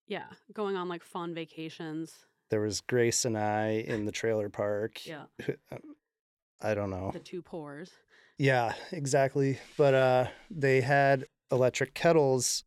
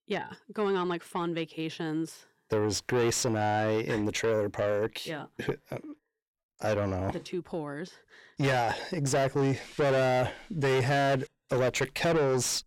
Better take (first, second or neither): first